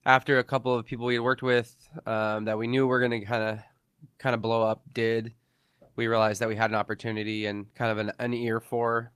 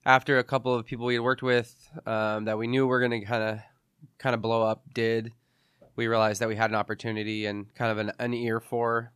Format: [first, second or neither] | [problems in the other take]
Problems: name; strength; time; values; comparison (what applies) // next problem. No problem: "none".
second | garbled, watery; slightly; nothing above 14.5 kHz